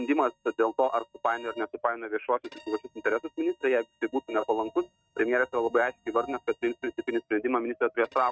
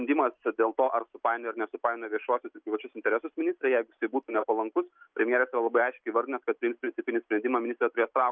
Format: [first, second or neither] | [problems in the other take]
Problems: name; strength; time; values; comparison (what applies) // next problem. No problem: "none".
second | noise reduction (neural mask model RNNoise)